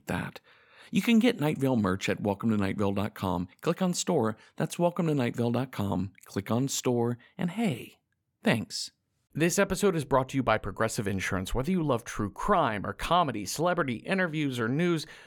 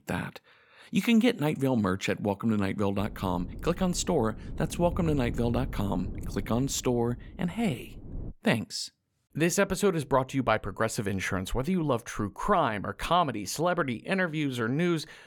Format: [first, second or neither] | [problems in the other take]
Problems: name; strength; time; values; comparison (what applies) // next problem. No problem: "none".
first | wind noise on the microphone; occasional gusts; from 3 to 8.5 s; 20 dB below the speech